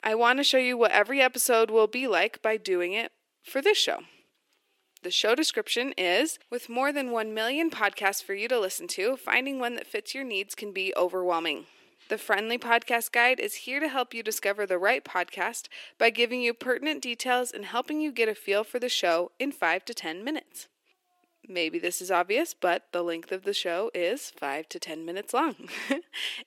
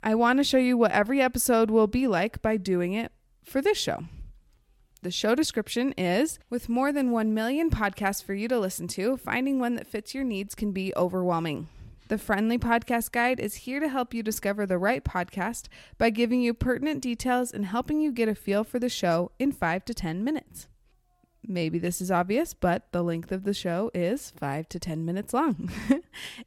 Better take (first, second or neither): second